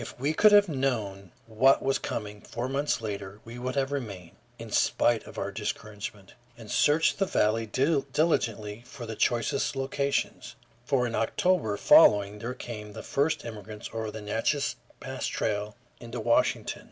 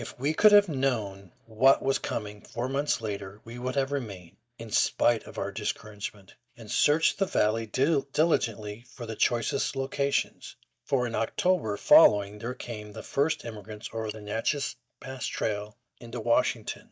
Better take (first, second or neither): first